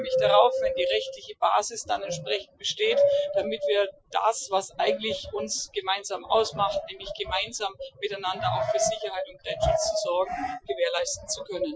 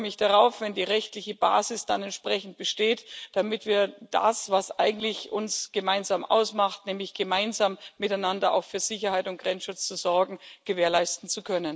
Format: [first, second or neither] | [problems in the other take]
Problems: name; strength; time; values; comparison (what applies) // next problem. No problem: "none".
second | noise reduction (classical method Wiener filter)